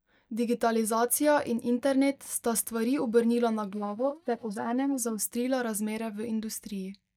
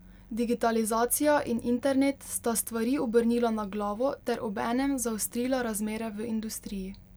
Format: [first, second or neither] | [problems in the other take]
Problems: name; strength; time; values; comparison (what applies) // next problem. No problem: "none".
second | noise reduction (neural mask model DeepFilterNet 3)